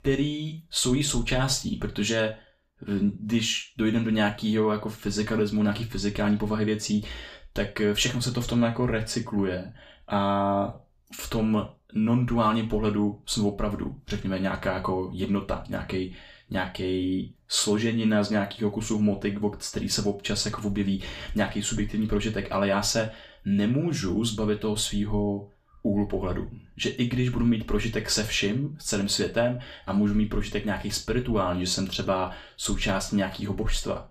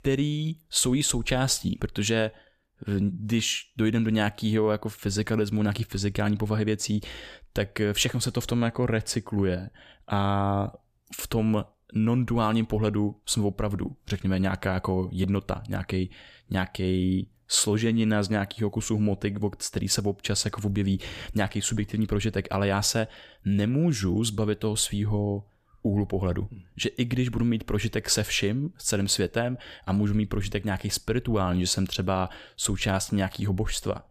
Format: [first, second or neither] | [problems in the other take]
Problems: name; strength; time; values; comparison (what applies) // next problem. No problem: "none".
second | room echo; very slight; dies away in 0.3 s // off-mic speech; somewhat distant